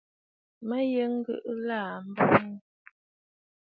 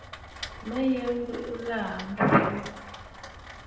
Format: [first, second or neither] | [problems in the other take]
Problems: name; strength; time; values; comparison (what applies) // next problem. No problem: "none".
first | background sound (Rain); 13 dB below the speech // room echo; dies away in 0.8 s